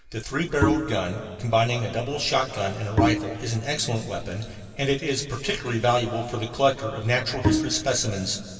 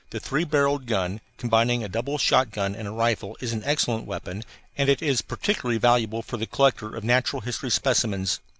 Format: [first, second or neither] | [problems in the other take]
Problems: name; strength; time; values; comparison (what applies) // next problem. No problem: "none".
second | background sound (Bowed string instrument); 1 dB below the speech // room echo; dies away in 2.9 s